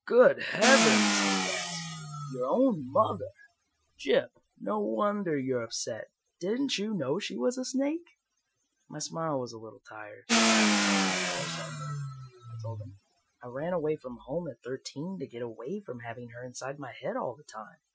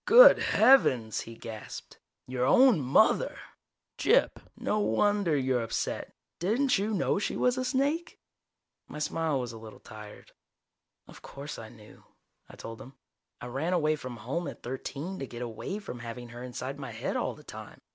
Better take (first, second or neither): second